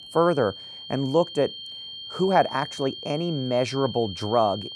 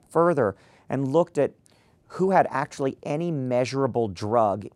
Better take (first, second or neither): second